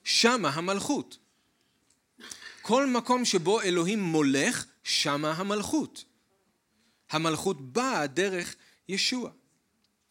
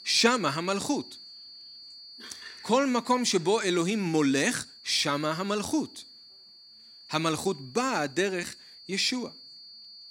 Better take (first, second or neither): first